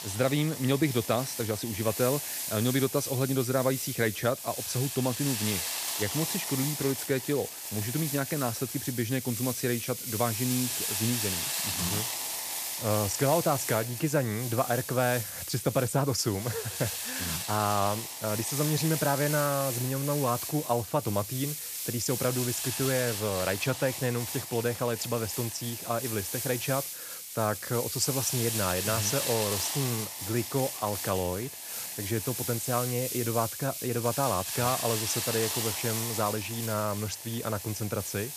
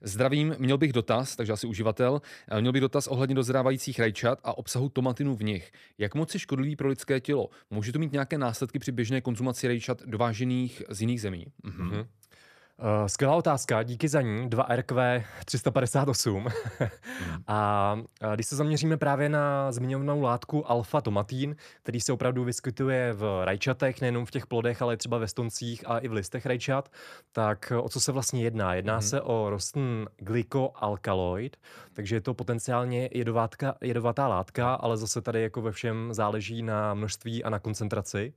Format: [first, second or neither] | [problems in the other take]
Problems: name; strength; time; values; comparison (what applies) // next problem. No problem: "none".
second | hiss; loud; throughout; 2 dB below the speech